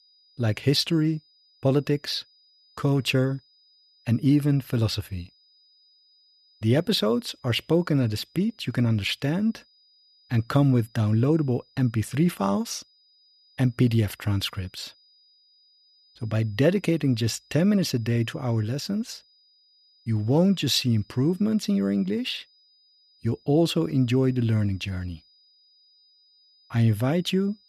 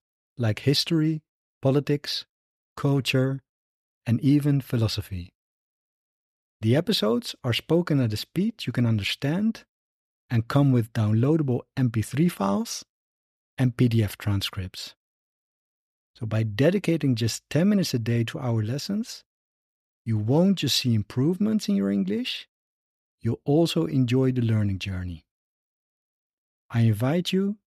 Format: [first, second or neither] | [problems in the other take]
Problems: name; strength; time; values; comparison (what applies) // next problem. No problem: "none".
second | high-pitched whine; faint; throughout; 5 kHz, 35 dB below the speech